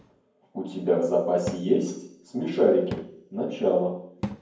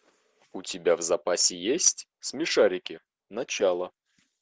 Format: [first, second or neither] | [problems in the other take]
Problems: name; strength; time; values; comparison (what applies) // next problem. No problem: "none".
second | background sound (Cupboard open or close / Drawer open or close); 15 dB below the speech // room echo; dies away in 0.9 s